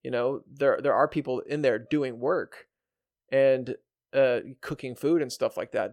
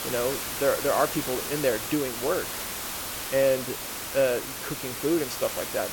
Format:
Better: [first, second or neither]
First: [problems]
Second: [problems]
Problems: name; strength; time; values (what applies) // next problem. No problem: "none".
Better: first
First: none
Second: hiss; loud; throughout; 4 dB below the speech